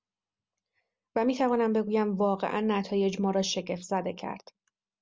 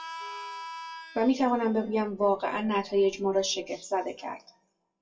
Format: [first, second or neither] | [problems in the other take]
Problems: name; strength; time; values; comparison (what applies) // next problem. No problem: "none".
first | noise reduction (classical method WPE with log-MMSE)